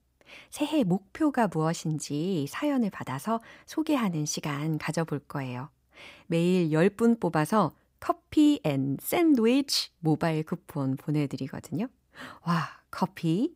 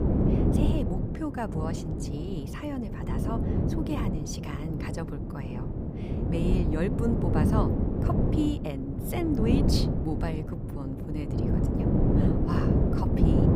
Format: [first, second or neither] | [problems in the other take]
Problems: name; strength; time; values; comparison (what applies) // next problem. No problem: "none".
first | wind noise on the microphone; heavy; 2 dB above the speech